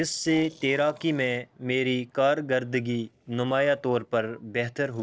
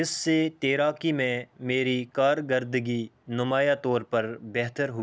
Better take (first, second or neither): second